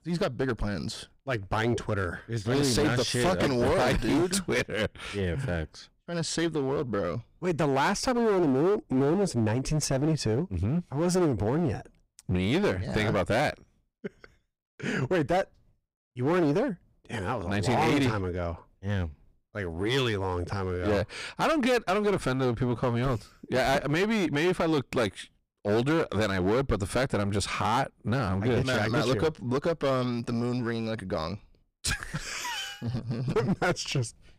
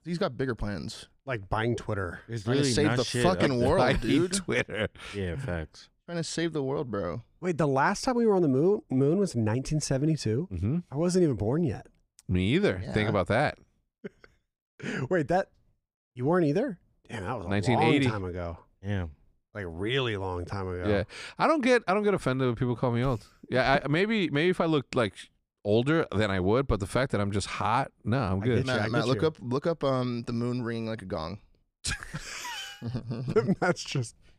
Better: second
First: distortion; heavy; 13% of the sound clipped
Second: none

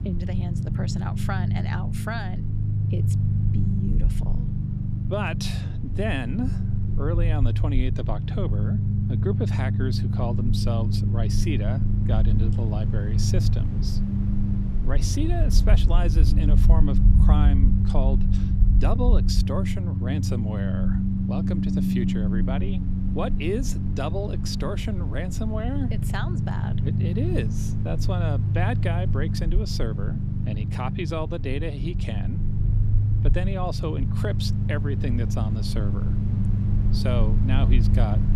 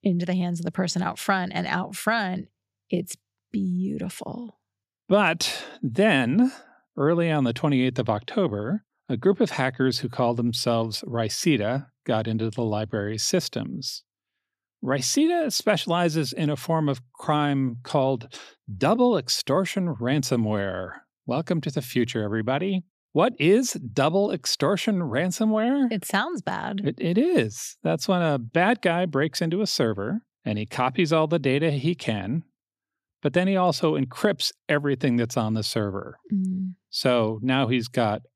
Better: second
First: low rumble; loud; throughout; 3 dB below the speech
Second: none

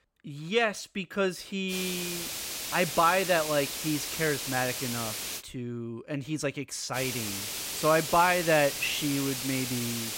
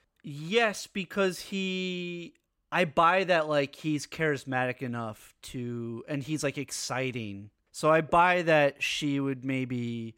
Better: second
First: hiss; loud; from 1.5 to 5.5 s and from 7 s on; 4 dB below the speech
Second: none

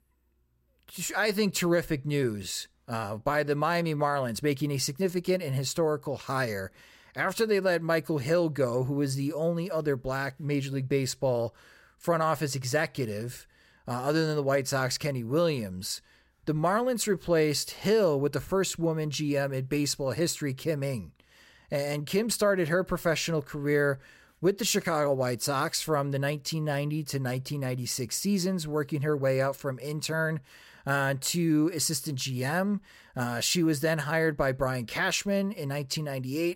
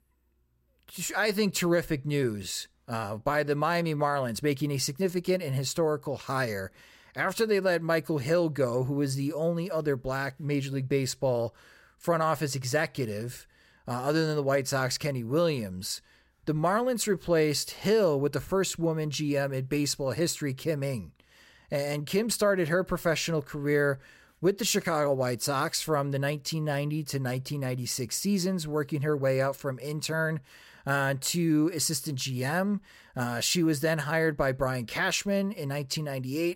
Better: neither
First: none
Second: none

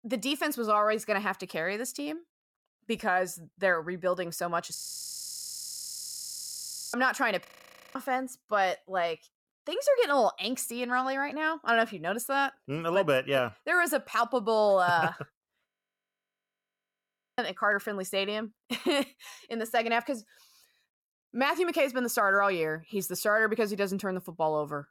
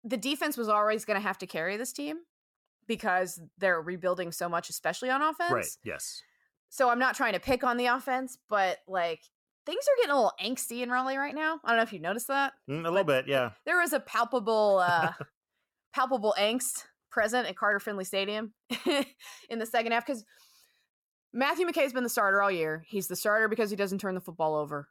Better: second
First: audio freezing; at 5 s for 2 s, at 7.5 s for 0.5 s and at 16 s for 1.5 s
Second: none

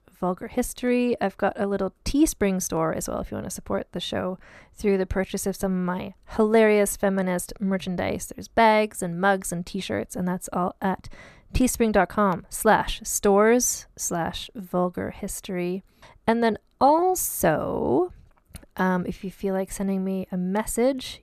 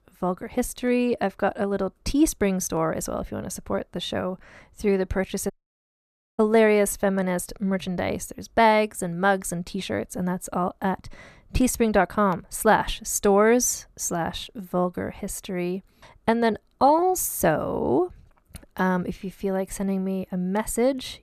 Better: first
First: none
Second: audio cutting out; at 5.5 s for 1 s

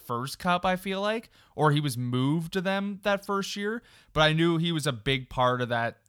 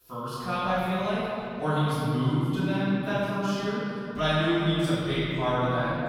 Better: first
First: none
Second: off-mic speech; far // room echo; strong; dies away in 3 s

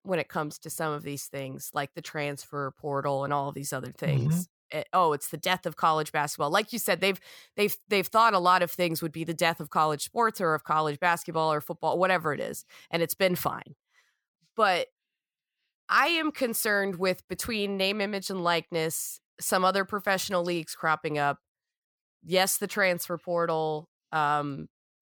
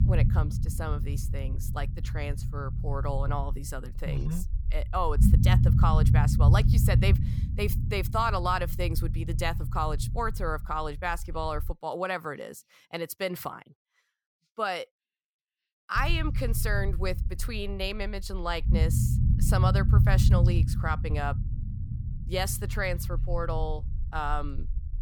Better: first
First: none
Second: low rumble; loud; until 12 s and from 16 s on; 9 dB below the speech

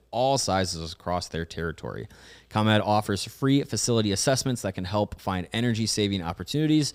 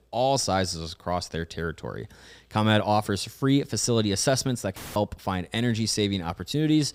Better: first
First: none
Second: audio cutting out; filled with static; at 5 s

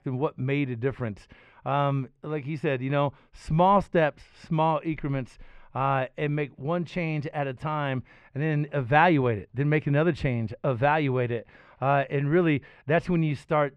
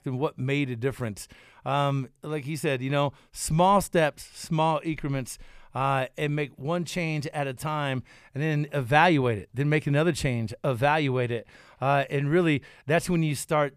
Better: second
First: muffled; slightly; fading above 2.5 kHz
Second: none

